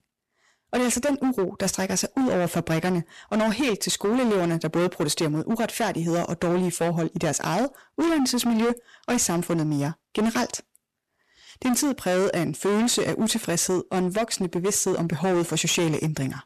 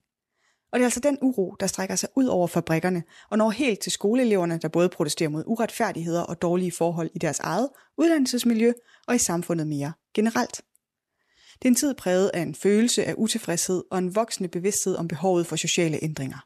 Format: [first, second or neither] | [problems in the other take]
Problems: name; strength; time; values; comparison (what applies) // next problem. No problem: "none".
second | distortion; heavy; 20% of the sound clipped